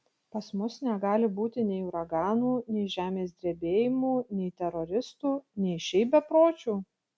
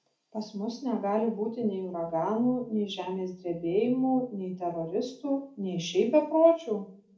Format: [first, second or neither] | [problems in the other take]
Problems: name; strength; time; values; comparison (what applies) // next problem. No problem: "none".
first | room echo; dies away in 0.4 s